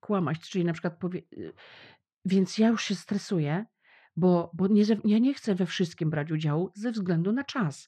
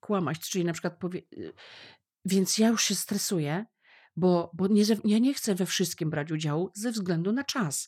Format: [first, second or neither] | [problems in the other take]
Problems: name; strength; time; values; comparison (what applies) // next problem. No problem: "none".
second | muffled; slightly; fading above 3 kHz